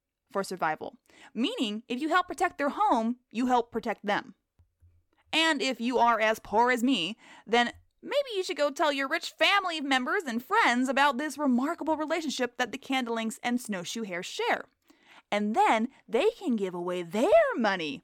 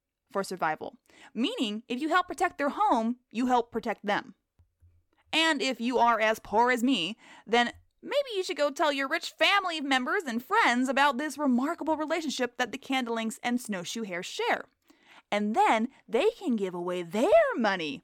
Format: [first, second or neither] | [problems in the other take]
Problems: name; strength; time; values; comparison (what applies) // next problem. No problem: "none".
neither | none